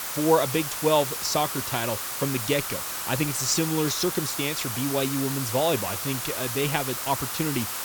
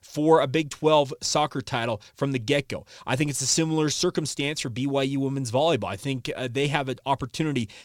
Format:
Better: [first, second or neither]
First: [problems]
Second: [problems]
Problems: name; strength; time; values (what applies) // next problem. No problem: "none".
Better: second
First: hiss; loud; throughout; 3 dB below the speech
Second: none